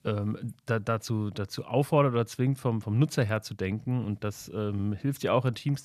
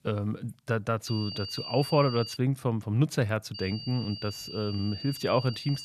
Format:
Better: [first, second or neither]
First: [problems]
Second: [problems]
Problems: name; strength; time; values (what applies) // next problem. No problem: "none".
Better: first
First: none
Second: high-pitched whine; loud; from 1 to 2.5 s and from 3.5 s on; 4.5 kHz, 9 dB below the speech